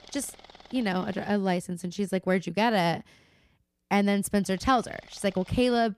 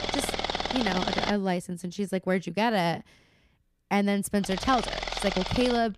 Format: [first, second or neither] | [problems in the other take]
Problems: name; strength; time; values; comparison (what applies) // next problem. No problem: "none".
first | machinery noise; loud; throughout; 3 dB below the speech; faint in the first